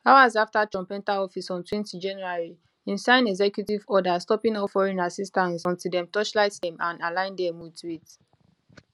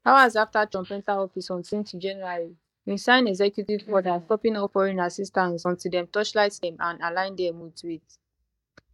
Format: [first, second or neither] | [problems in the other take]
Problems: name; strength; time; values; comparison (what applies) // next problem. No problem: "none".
first | noise reduction (neural mask model DeepFilterNet 3)